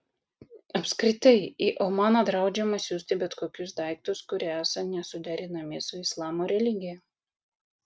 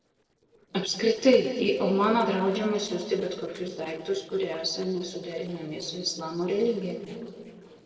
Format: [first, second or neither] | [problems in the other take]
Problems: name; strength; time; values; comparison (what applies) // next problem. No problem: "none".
first | noise reduction (neural separator model SepFormer DNS4)